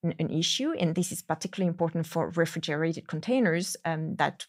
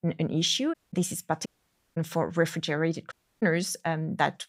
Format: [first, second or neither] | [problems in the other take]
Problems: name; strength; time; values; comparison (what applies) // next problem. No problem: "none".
first | audio cutting out; at 0.5 s, at 1.5 s for 0.5 s and at 3 s